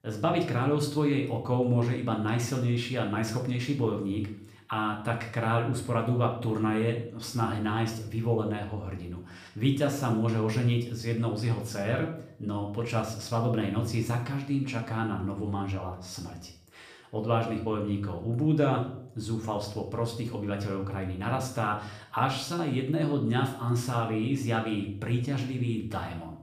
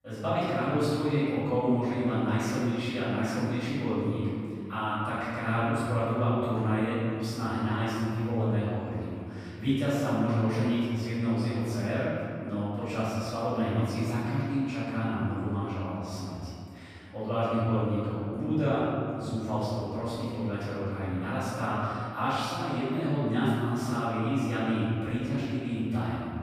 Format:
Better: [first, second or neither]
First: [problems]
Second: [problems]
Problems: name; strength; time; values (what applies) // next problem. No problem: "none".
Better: first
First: room echo; slight; dies away in 0.5 s // off-mic speech; somewhat distant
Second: room echo; strong; dies away in 2.3 s // off-mic speech; far